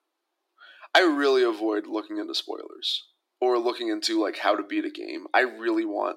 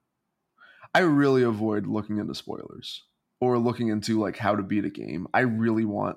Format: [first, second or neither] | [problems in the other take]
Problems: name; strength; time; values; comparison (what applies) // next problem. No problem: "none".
second | thin; somewhat; fading below 300 Hz